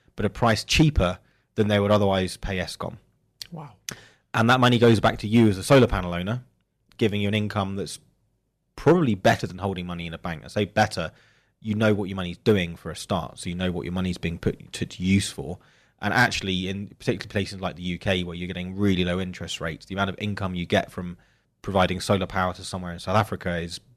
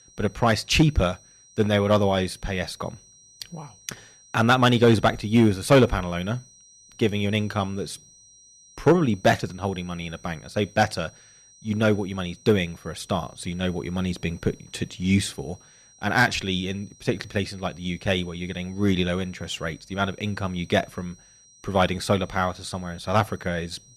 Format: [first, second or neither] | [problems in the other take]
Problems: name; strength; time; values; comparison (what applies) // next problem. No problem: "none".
first | high-pitched whine; faint; throughout; 5.5 kHz, 25 dB below the speech